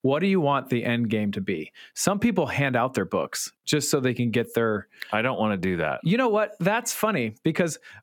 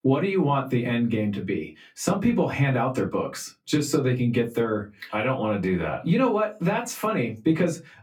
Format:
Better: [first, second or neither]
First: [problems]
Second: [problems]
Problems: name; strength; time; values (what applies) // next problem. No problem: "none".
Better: first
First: none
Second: off-mic speech; far // room echo; very slight; dies away in 0.2 s